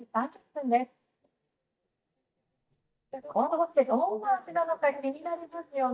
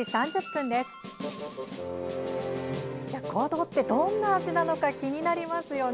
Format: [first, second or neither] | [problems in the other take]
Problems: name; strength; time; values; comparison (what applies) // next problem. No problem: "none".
second | noise reduction (neural mask model DeepFilterNet 3)